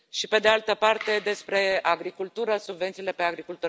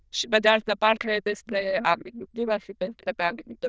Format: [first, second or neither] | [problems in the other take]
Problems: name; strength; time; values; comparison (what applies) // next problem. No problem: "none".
first | noise reduction (neural diffusion model UNIVERSE++)